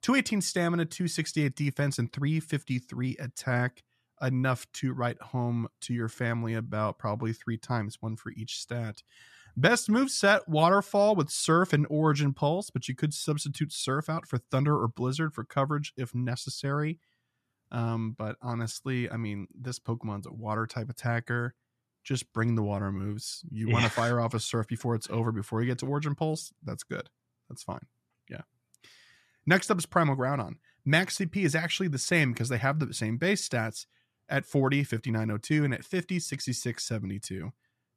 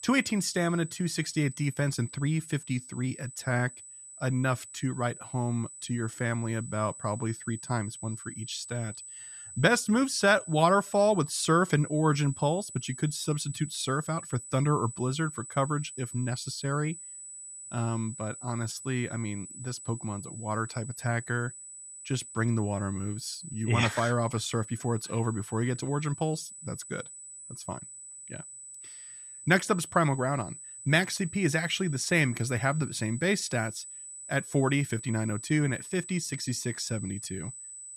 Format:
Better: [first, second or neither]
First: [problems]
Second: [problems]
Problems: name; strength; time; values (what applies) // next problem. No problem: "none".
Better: first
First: none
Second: high-pitched whine; noticeable; throughout; 8 kHz, 10 dB below the speech